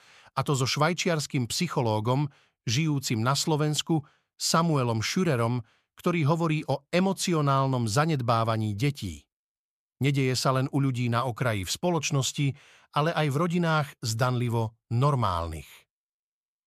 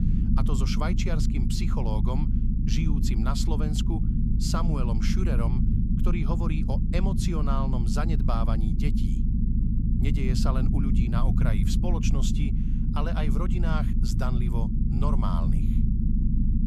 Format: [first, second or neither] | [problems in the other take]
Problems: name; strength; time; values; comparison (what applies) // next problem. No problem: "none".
first | low rumble; loud; throughout; 2 dB below the speech